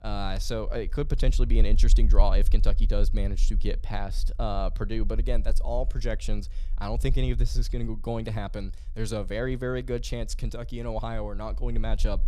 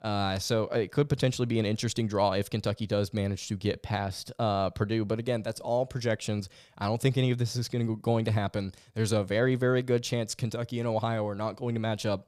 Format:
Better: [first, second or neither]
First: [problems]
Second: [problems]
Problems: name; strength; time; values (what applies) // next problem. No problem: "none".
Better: second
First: low rumble; faint; throughout; 20 dB below the speech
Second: none